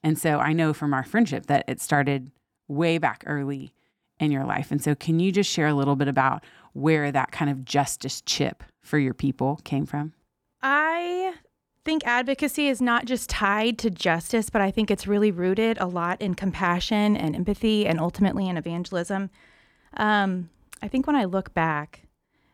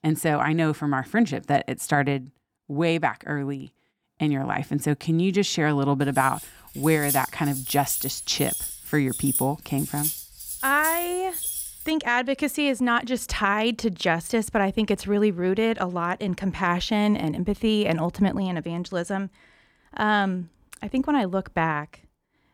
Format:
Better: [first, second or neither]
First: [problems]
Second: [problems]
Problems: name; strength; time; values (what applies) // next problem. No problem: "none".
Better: first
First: none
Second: jangling keys; noticeable; from 6 to 12 s; peak 1 dB below the speech